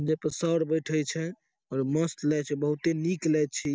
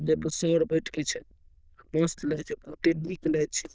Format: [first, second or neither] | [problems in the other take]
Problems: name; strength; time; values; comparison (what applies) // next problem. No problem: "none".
first | noise reduction (neural diffusion model UNIVERSE++)